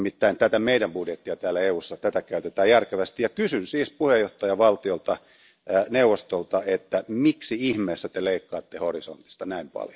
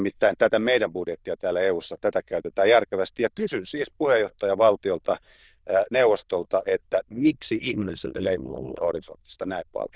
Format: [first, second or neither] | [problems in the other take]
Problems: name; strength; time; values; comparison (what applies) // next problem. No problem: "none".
first | noise reduction (neural diffusion model UNIVERSE++)